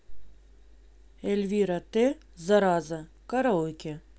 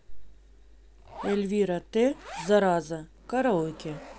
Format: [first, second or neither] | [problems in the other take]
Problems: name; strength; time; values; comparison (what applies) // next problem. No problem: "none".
first | background sound (Zipper (clothing)); 18 dB below the speech